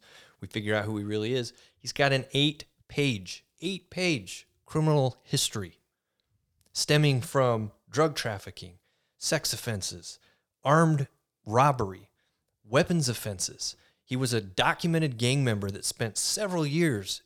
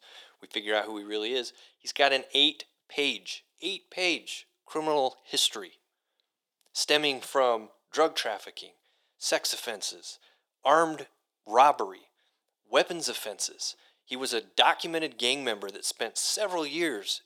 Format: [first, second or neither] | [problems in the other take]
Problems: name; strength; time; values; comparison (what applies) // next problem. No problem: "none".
first | thin; very; fading below 300 Hz